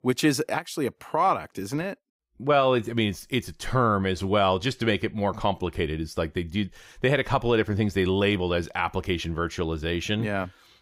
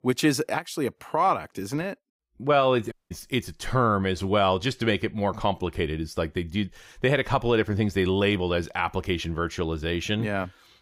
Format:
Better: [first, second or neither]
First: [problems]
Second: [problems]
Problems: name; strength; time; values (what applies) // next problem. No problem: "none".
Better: first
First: none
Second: audio cutting out; at 3 s